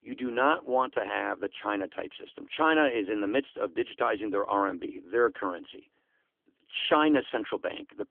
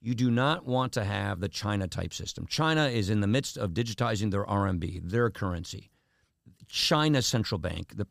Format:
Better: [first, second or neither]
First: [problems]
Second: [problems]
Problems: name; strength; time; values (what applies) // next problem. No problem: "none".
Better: second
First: phone-call audio; poor line; nothing above 3.5 kHz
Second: none